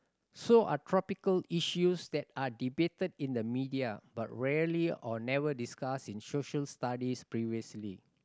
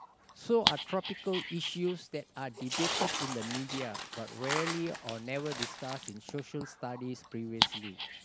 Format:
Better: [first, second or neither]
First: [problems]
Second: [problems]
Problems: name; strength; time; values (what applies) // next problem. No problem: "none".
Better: first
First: none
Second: background sound (Dog + Tearing); 1 dB below the speech